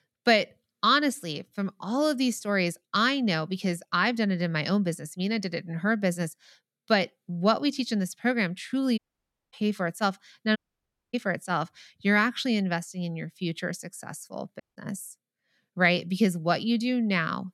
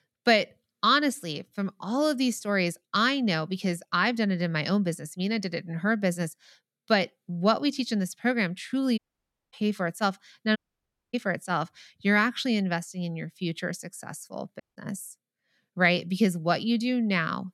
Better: neither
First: audio cutting out; at 9 s for 0.5 s, at 11 s for 0.5 s and at 15 s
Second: audio cutting out; at 9 s for 0.5 s, at 11 s for 0.5 s and at 15 s

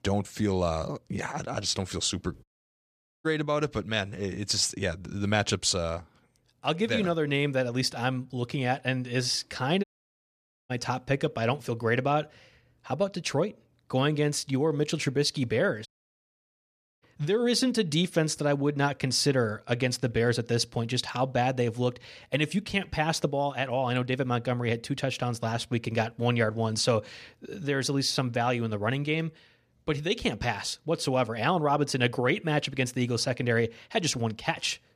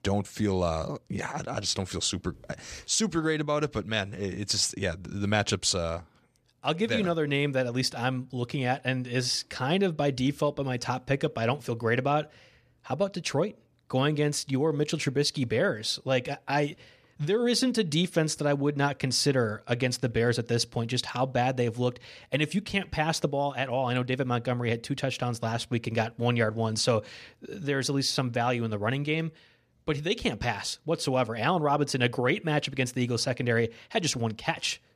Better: second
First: audio cutting out; at 2.5 s for 1 s, at 10 s for 1 s and at 16 s for 1 s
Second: none

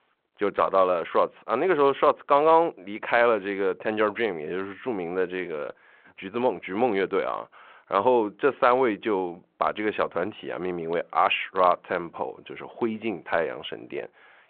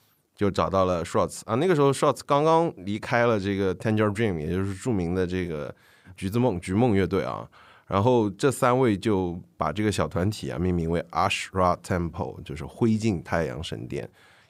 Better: second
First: phone-call audio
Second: none

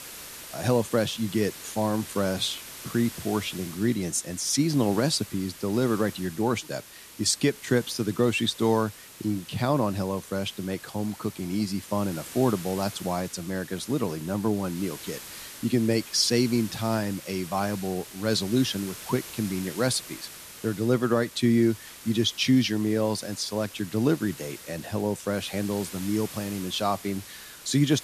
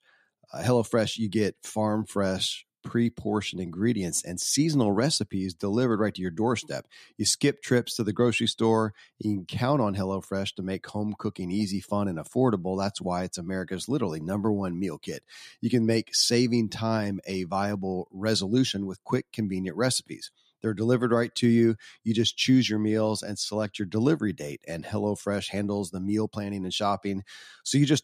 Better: second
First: hiss; noticeable; throughout; 15 dB below the speech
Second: none

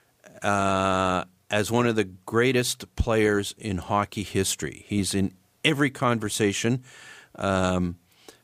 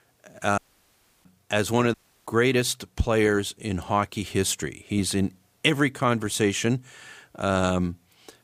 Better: first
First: none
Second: audio cutting out; at 0.5 s for 0.5 s and at 2 s

